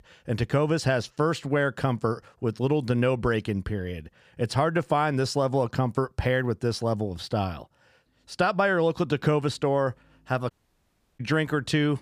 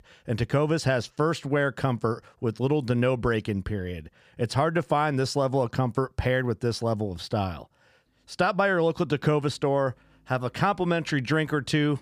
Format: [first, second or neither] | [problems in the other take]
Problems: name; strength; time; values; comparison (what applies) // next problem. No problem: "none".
second | audio cutting out; at 11 s for 0.5 s